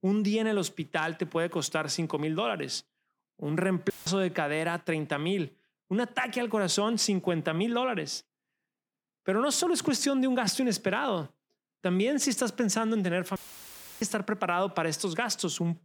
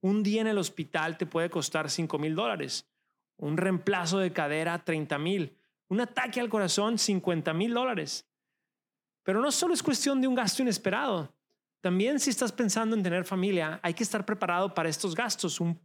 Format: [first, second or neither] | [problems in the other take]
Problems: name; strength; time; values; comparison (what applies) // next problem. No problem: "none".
second | audio cutting out; filled with static; at 4 s and at 13 s for 0.5 s